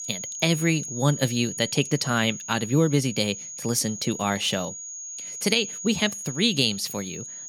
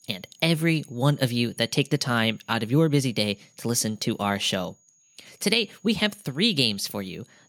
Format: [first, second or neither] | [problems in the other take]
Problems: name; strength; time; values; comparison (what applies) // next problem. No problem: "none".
second | high-pitched whine; loud; throughout; 6.5 kHz, 9 dB below the speech; faint in the second